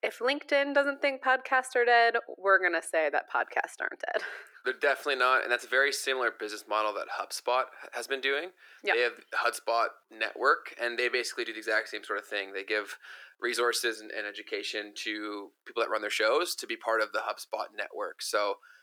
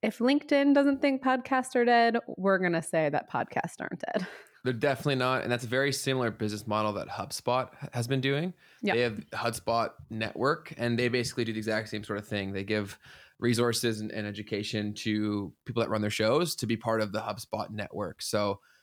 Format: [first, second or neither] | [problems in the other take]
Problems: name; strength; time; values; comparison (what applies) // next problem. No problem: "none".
second | thin; very; fading below 350 Hz